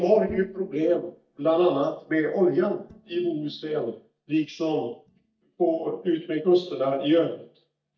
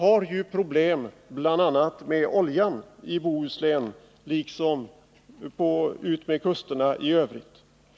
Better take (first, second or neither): second